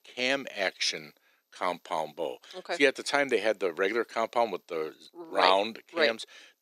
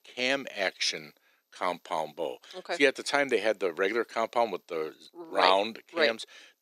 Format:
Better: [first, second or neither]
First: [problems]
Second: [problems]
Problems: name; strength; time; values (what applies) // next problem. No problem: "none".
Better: neither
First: thin; very; fading below 350 Hz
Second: thin; very; fading below 350 Hz